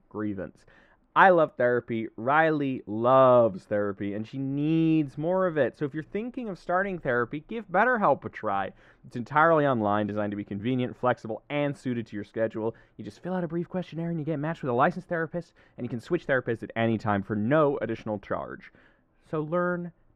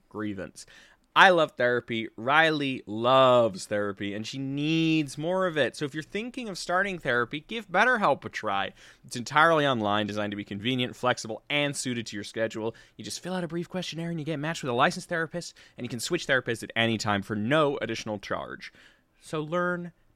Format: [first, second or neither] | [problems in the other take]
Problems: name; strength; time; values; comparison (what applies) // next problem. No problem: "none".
second | muffled; very; fading above 2.5 kHz